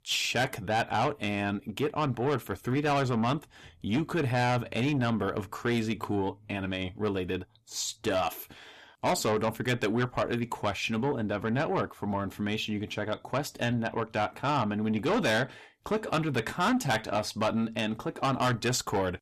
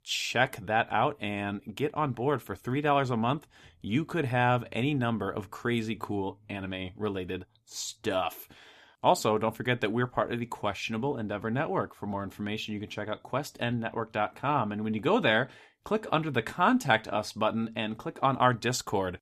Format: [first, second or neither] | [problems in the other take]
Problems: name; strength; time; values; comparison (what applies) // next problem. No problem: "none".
second | distortion; heavy; 8 dB below the speech